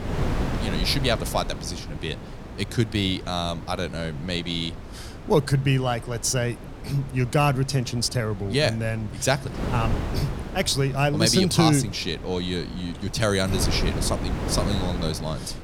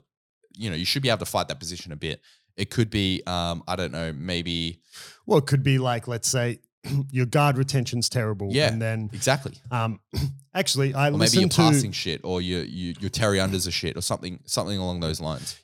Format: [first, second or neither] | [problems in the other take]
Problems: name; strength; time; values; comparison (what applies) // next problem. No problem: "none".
second | wind noise on the microphone; occasional gusts; 10 dB below the speech